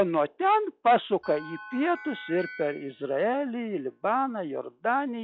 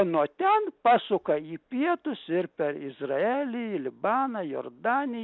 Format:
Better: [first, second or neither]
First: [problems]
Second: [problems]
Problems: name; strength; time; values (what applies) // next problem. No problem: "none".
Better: second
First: noise reduction (classical method log-MMSE)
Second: none